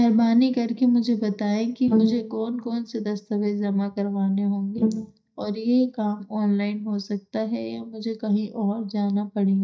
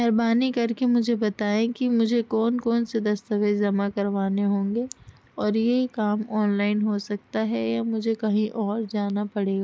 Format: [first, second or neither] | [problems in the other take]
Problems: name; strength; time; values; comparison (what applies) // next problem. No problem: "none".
second | noise reduction (neural mask model DeepFilterNet 3)